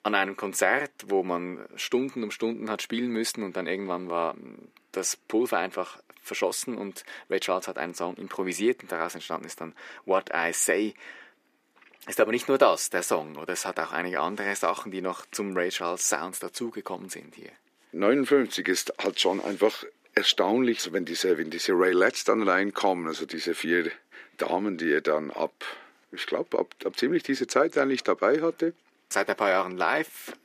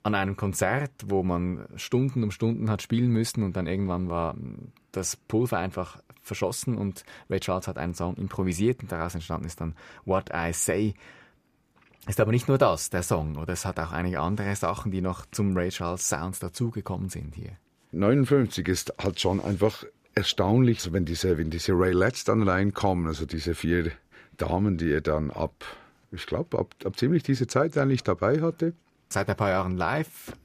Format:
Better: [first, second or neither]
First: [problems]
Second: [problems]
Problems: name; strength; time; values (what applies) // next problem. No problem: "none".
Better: second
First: thin; somewhat; fading below 250 Hz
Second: none